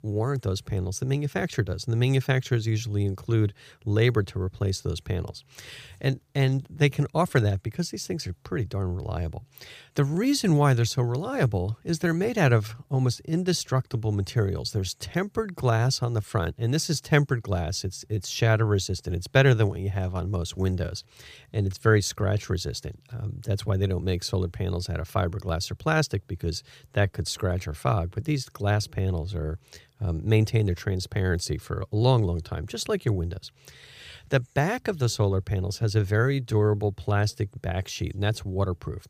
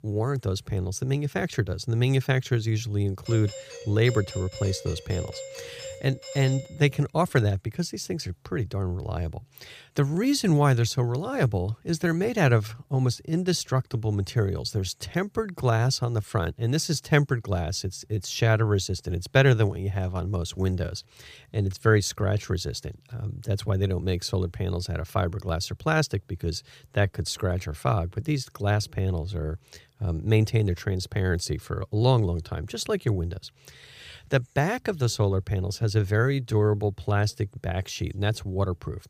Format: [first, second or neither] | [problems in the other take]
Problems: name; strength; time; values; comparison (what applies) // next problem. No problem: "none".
first | doorbell; noticeable; from 3.5 to 7 s; peak 10 dB below the speech